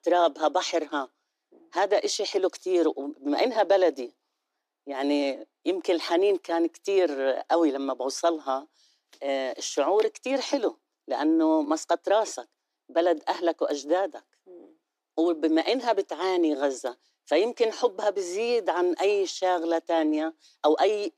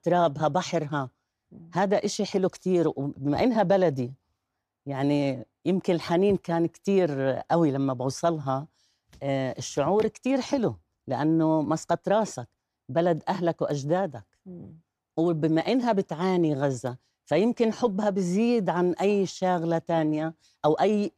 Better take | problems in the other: second | thin; somewhat; fading below 300 Hz

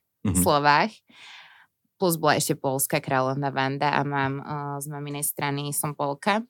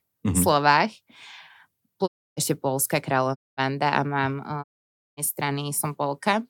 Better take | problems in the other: first | audio cutting out; at 2 s, at 3.5 s and at 4.5 s for 0.5 s

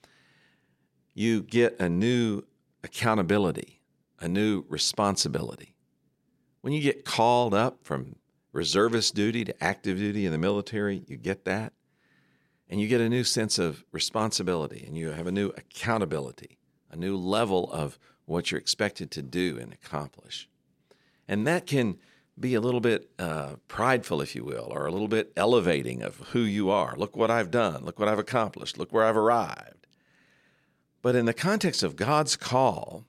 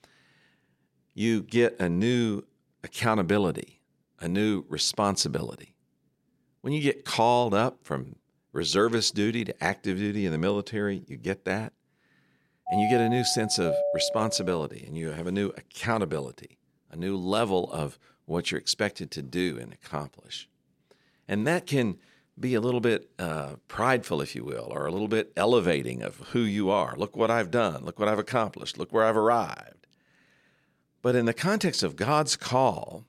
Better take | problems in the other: first | doorbell; loud; from 13 to 15 s; peak level with the speech

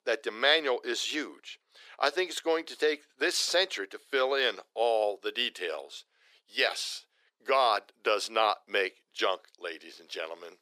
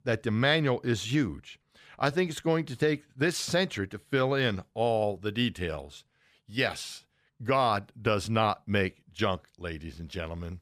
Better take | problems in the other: second | thin; very; fading below 350 Hz

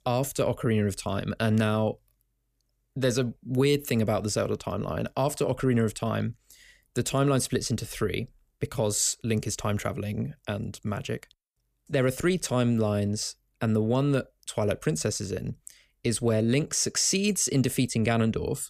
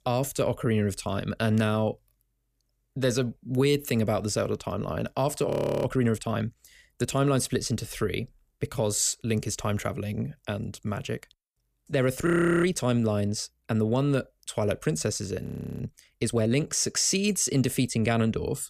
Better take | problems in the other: first | audio freezing; at 5.5 s, at 12 s and at 15 s

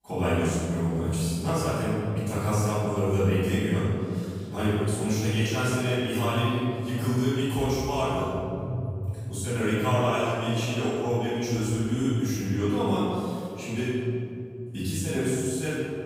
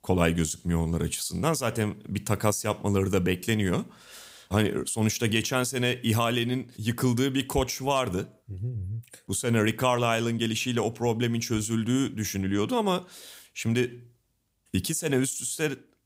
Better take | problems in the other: second | room echo; strong; dies away in 2.7 s // off-mic speech; far

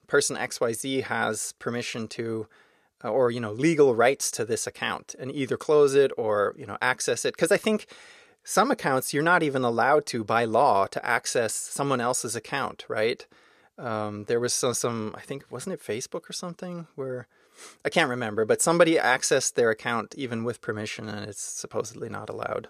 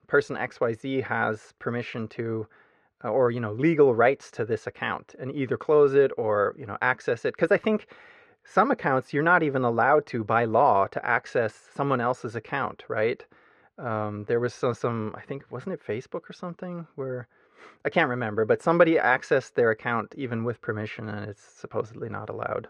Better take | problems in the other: first | muffled; very; fading above 2 kHz

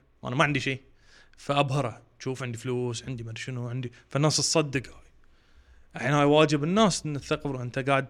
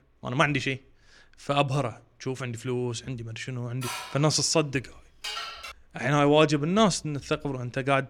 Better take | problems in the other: first | clattering dishes; noticeable; from 4 to 5.5 s; peak 7 dB below the speech

